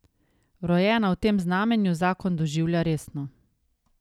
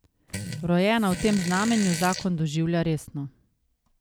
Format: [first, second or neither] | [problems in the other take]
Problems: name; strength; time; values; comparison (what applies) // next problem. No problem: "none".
first | background sound (Fart); 9 dB below the speech